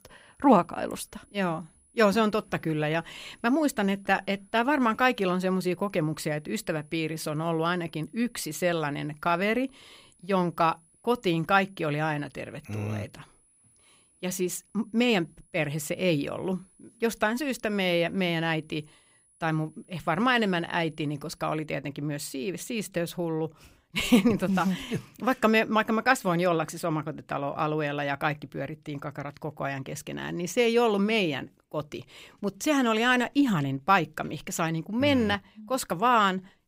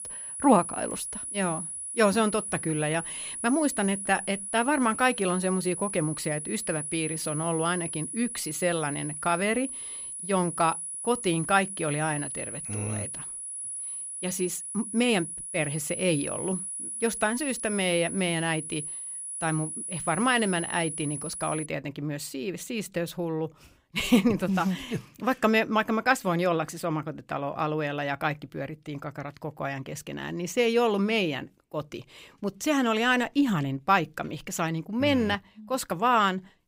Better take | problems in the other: first | high-pitched whine; loud; until 22 s; 10 kHz, 6 dB below the speech; faint in the first

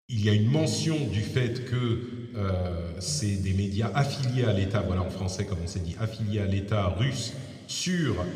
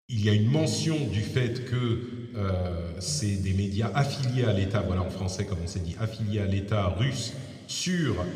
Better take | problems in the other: neither | room echo; slight; dies away in 2 s; the same in both

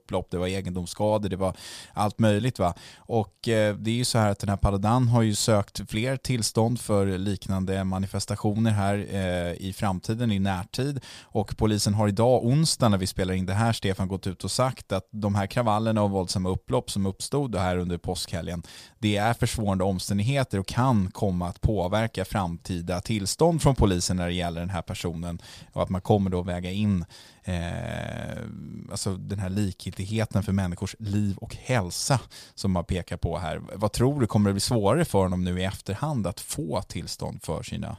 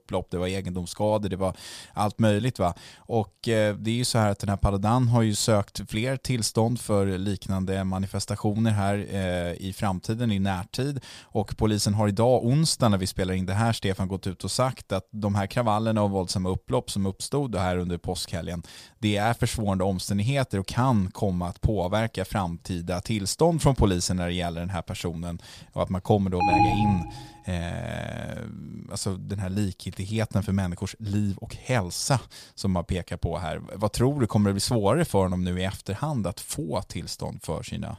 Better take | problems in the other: first | alarm; loud; at 26 s; peak 5 dB above the speech

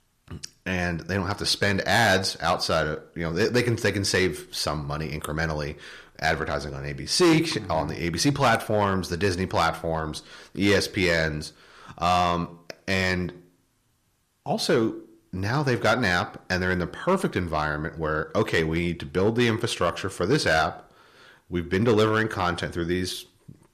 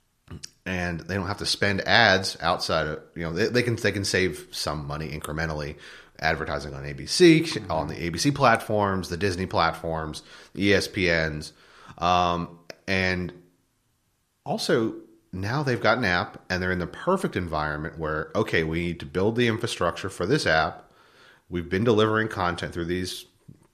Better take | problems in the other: second | distortion; slight; 3% of the sound clipped

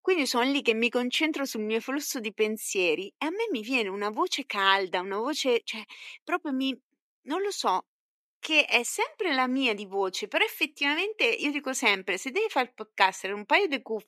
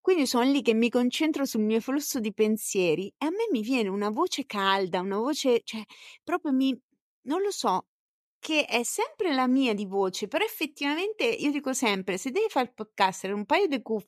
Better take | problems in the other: second | thin; very slightly; fading below 250 Hz

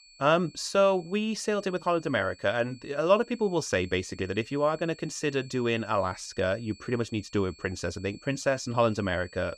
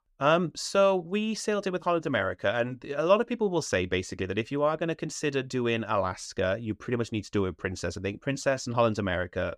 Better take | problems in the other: second | high-pitched whine; faint; throughout; 4.5 kHz, 25 dB below the speech

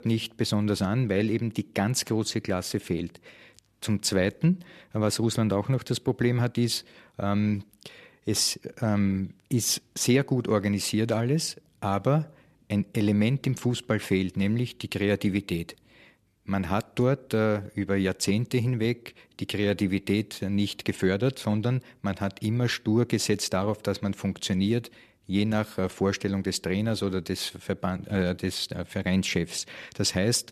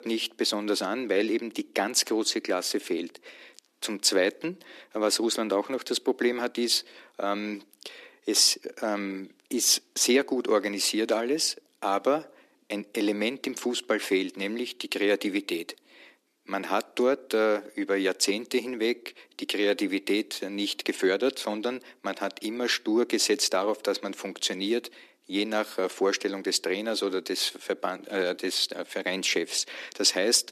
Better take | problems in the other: first | thin; somewhat; fading below 250 Hz

